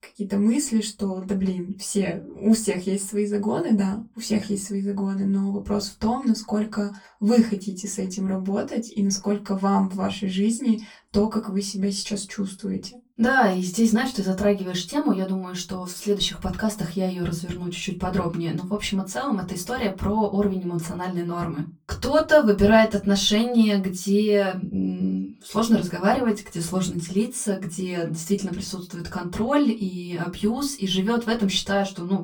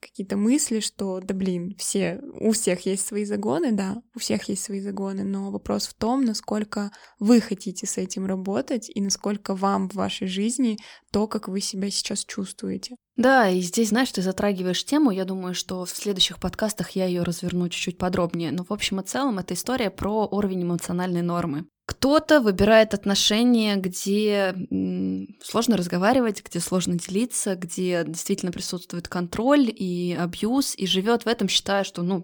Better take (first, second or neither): second